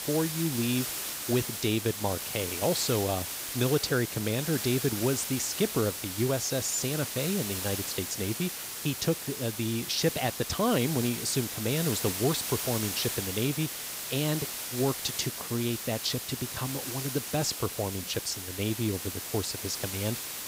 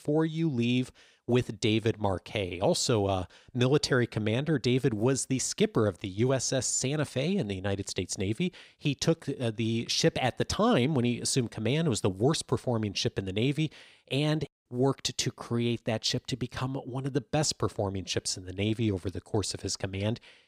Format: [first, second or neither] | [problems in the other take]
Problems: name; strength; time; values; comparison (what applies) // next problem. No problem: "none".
second | hiss; loud; throughout; 3 dB below the speech